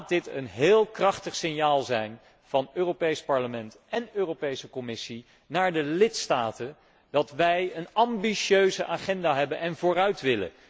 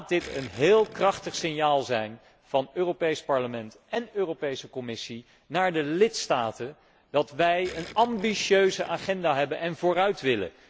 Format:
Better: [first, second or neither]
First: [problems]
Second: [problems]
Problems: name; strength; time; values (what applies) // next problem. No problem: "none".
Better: first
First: none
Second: background sound (Gurgling); 20 dB below the speech